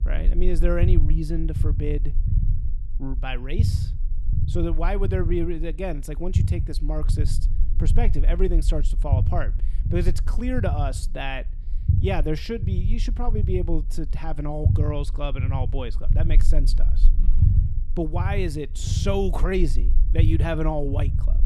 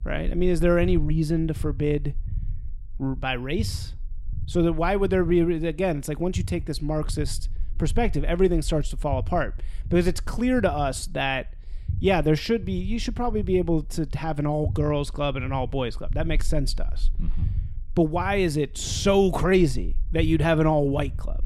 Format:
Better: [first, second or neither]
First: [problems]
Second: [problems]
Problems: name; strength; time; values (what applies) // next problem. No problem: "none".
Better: second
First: low rumble; loud; throughout; 10 dB below the speech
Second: low rumble; faint; throughout; 25 dB below the speech